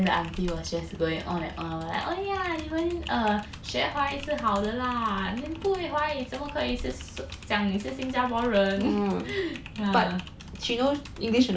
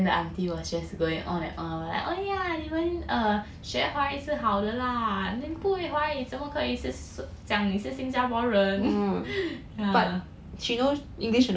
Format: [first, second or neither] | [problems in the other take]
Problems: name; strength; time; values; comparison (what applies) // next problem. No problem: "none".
second | background sound (Typing); 16 dB below the speech